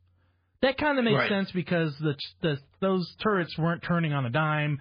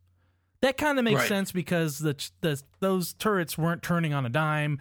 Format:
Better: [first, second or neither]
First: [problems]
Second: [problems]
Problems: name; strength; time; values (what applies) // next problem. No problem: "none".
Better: second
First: garbled, watery; badly; nothing above 4 kHz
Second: none